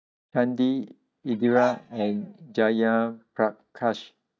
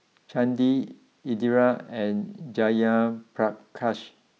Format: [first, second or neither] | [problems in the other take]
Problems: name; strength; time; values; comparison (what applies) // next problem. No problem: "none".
second | noise reduction (neural mask model DeepFilterNet 3)